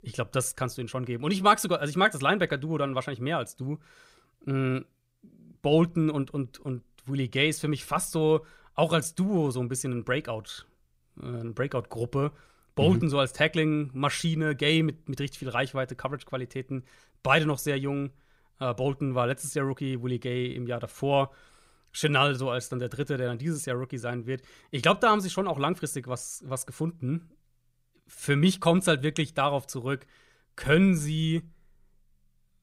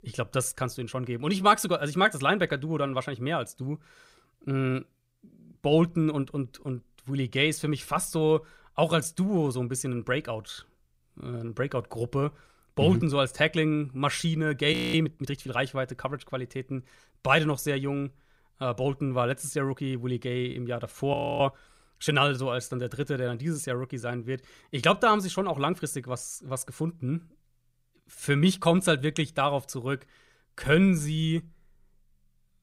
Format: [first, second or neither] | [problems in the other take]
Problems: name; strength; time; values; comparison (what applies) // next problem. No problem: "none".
first | audio freezing; at 15 s and at 21 s